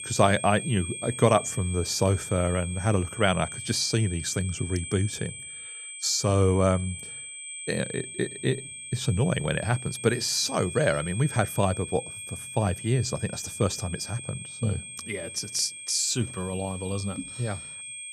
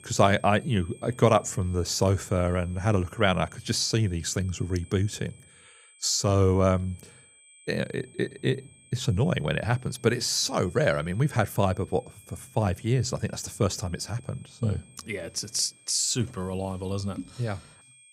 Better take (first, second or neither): second